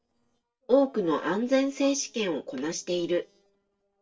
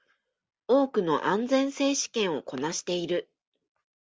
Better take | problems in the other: second | noise reduction (neural separator model SepFormer DNS4)

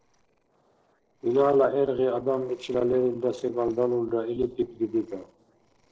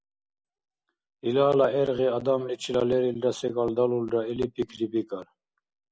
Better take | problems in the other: second | noise reduction (neural separator model SepFormer DNS4)

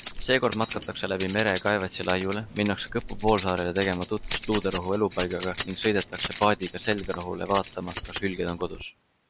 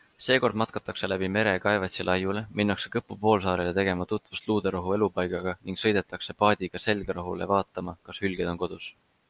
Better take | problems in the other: second | background sound (Keys jangling); 11 dB below the speech

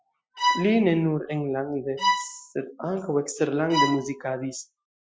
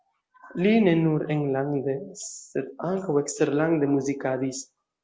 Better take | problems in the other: second | noise reduction (classical method Wiener filter)

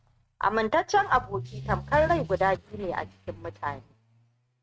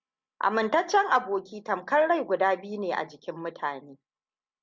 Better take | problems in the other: second | noise reduction (neural mask model RNNoise)

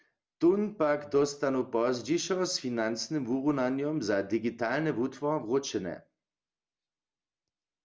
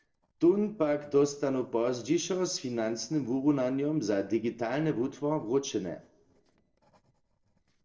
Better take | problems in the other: first | noise reduction (neural separator model SepFormer DNS4)

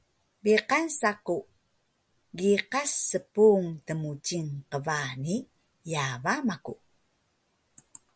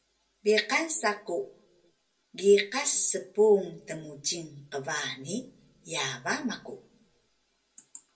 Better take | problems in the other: first | room echo; dies away in 0.2 s

